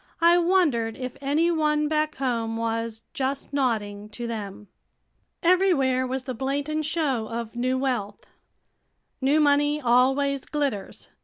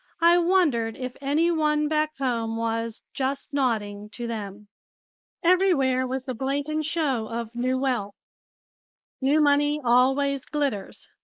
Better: first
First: none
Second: noise reduction (neural mask model Resemble Enhance denoiser)

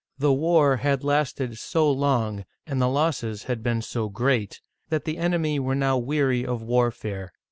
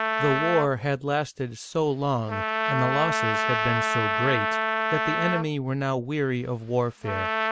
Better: first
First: none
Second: background sound (Trumpet); 1 dB below the speech

